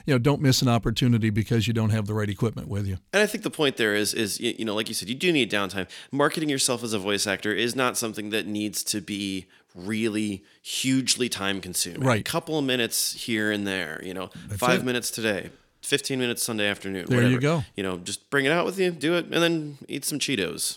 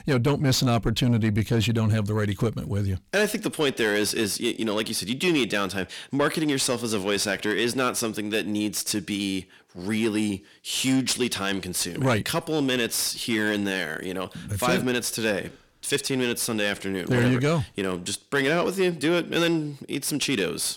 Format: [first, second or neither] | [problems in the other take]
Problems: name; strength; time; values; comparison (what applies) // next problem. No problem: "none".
first | distortion; slight; 10 dB below the speech